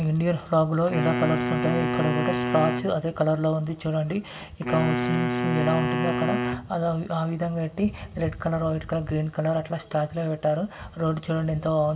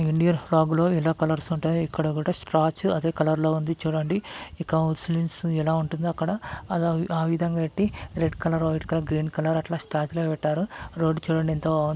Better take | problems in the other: second | background sound (Wind instrument, woodwind instrument); 3 dB below the speech // room echo; dies away in 1.9 s

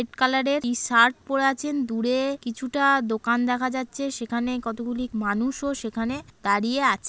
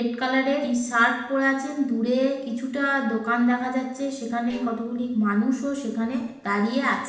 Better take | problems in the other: first | noise reduction (neural separator model SepFormer DNS4)

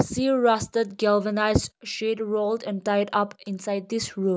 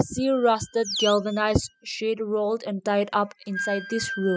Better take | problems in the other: first | noise reduction (classical method spectral subtraction)

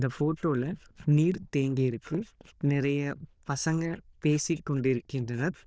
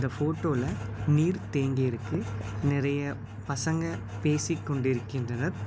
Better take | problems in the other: second | noise reduction (neural diffusion model UNIVERSE++)

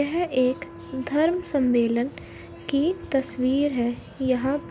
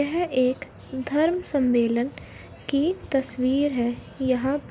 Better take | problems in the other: second | background sound (Wind instrument, woodwind instrument); 20 dB below the speech

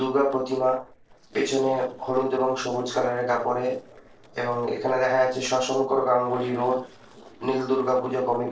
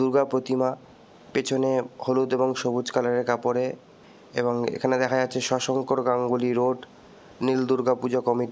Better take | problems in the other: second | noise reduction (neural separator model SepFormer DNS4)

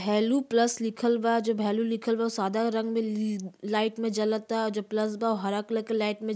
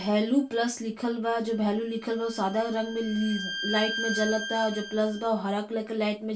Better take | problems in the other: first | background sound (Bowed string instrument); 10 dB below the speech // room echo; dies away in 0.2 s

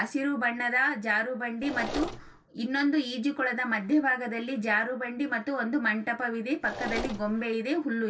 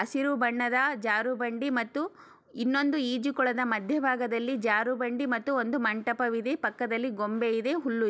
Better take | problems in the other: second | background sound (Mechanisms); 8 dB below the speech // room echo; dies away in 0.2 s

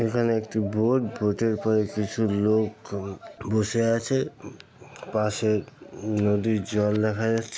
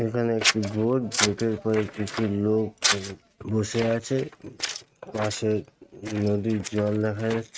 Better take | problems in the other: first | noise reduction (neural mask model RNNoise)

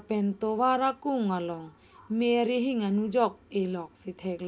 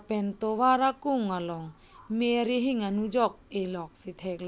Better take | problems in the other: second | room echo; dies away in 0.3 s

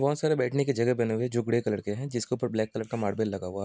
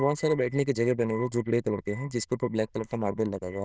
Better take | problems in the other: first | noise reduction (neural diffusion model UNIVERSE++)

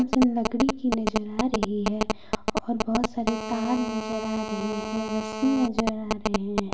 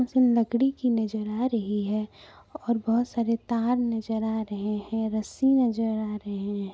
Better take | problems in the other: second | background sound (Telephone); 2 dB below the speech // room echo; dies away in 0.7 s

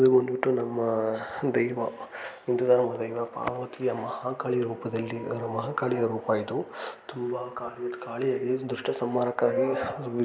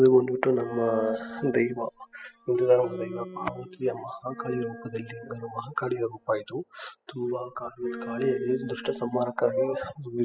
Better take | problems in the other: first | noise reduction (classical method spectral subtraction)

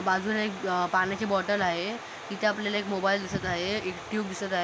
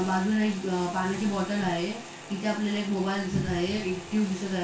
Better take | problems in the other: first | background sound (Frying (food)); 20 dB below the speech // room echo; dies away in 0.2 s

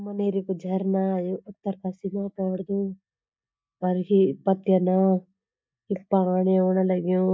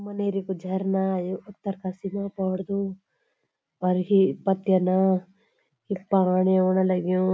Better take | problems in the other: second | noise reduction (neural mask model DeepFilterNet 3)

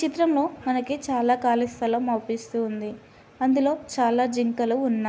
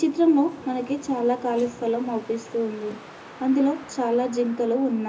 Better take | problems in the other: first | background sound (Wind); 20 dB below the speech // room echo; dies away in 0.2 s

